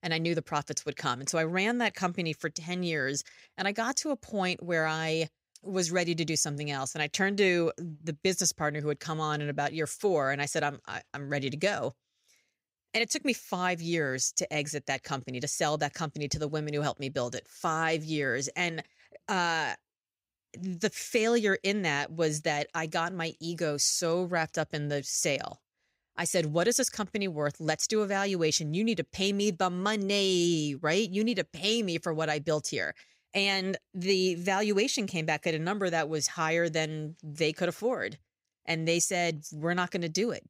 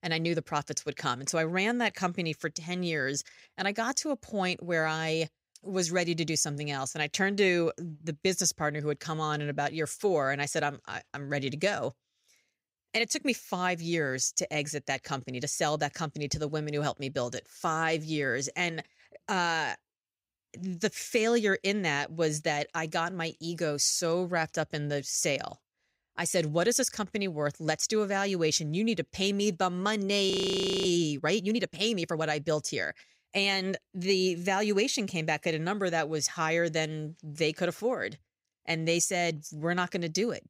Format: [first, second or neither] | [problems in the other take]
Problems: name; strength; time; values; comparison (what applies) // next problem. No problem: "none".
first | audio freezing; at 30 s for 0.5 s